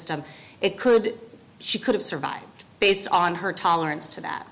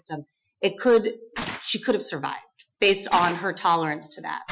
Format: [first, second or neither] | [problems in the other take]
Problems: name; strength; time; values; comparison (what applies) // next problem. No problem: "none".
first | noise reduction (classical method Wiener filter)